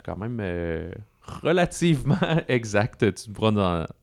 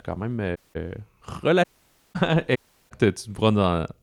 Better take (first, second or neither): first